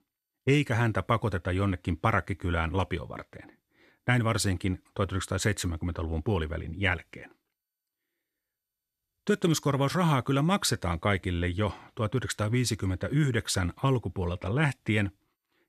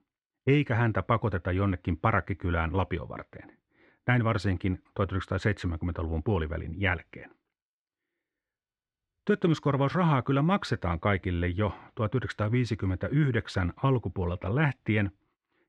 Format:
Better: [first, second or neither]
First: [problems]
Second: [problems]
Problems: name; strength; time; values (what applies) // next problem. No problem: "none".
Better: first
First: none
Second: muffled; slightly; fading above 2.5 kHz